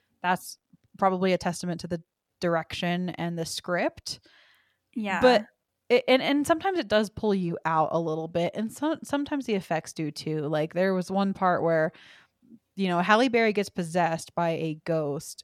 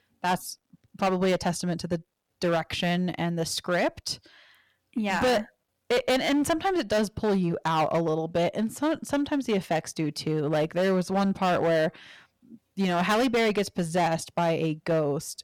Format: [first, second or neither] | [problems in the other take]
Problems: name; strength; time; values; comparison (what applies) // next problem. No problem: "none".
first | distortion; heavy; 12% of the sound clipped